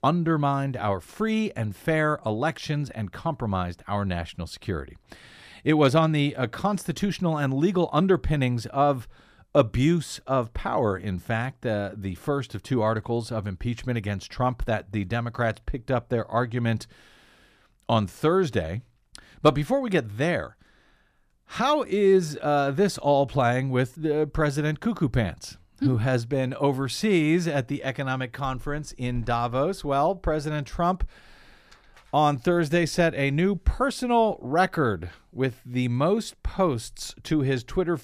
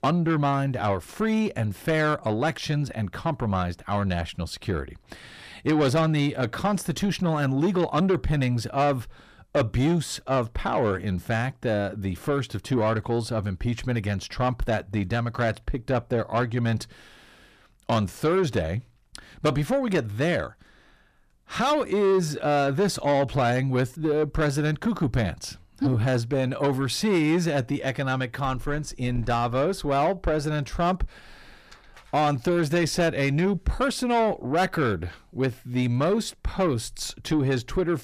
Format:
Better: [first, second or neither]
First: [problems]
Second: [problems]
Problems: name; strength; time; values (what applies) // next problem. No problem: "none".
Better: first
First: none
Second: distortion; slight; 10 dB below the speech